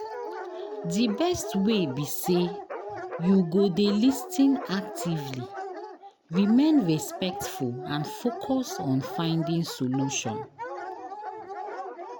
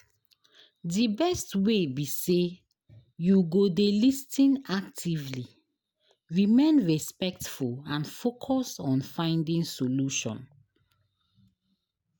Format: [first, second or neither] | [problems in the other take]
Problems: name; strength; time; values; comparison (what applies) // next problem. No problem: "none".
second | background sound (Dog); 10 dB below the speech